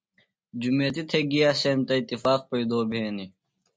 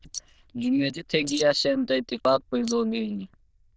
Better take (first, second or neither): first